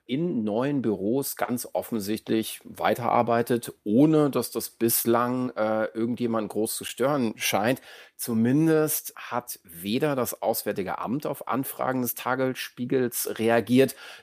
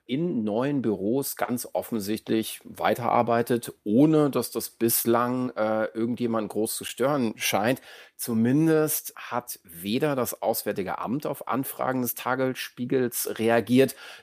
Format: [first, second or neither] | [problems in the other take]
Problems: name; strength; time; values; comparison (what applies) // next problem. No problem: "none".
neither | none